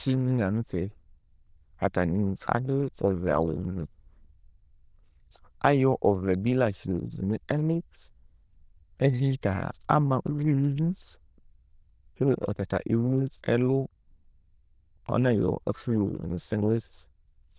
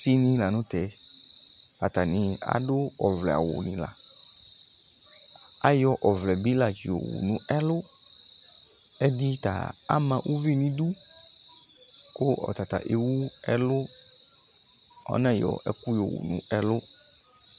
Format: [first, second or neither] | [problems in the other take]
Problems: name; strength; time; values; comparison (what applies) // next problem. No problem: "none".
second | noise reduction (neural diffusion model UNIVERSE++)